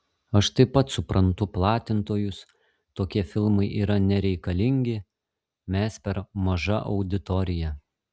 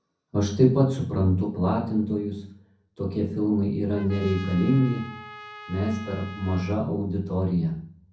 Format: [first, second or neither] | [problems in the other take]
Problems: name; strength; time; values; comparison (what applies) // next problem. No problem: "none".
first | background sound (Trumpet); 17 dB below the speech // room echo; dies away in 0.6 s